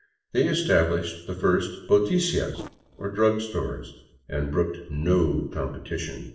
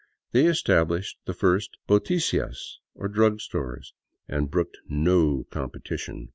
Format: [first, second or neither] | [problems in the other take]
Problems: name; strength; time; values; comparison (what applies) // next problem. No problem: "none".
second | noise reduction (neural separator model SepFormer DNS4)